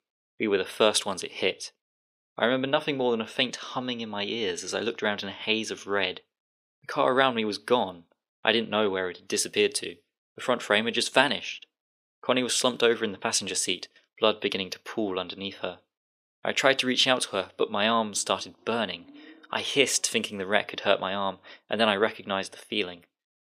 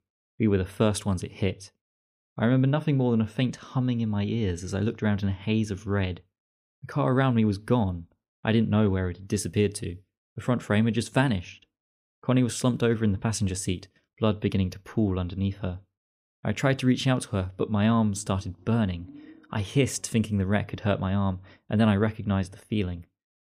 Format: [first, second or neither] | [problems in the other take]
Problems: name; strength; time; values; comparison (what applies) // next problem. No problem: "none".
second | thin; very; fading below 500 Hz